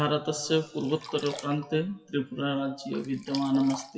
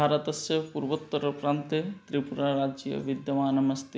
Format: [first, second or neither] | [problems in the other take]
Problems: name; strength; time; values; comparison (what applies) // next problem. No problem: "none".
second | noise reduction (classical method WPE with log-MMSE)